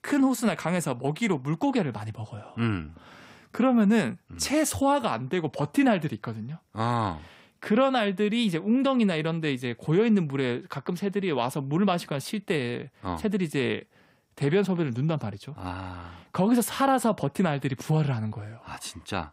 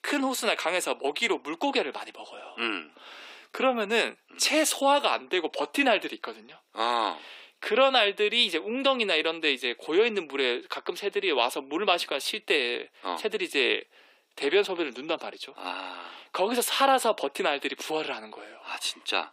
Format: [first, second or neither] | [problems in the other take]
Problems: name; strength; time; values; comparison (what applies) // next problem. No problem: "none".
first | thin; somewhat; fading below 350 Hz